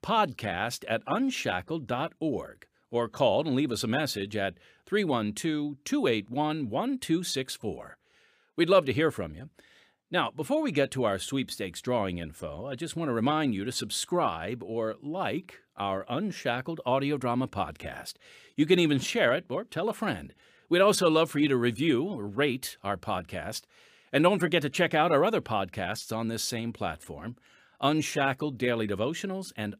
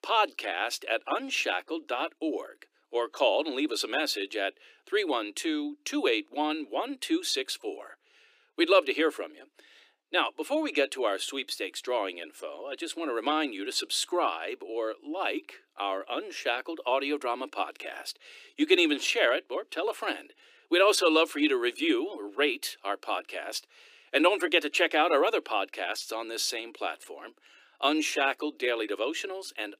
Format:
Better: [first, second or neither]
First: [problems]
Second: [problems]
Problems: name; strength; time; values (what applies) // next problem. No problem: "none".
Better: first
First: none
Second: thin; somewhat; fading below 300 Hz